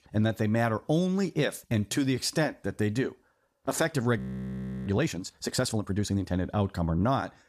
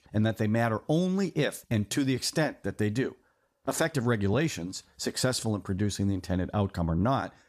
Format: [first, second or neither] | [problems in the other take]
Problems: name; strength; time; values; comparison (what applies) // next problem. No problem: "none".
second | audio freezing; at 4 s for 0.5 s